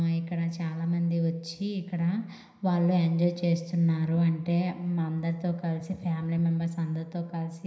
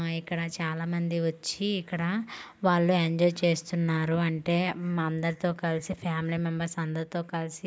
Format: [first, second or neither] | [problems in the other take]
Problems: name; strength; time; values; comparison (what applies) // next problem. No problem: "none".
second | room echo; dies away in 0.9 s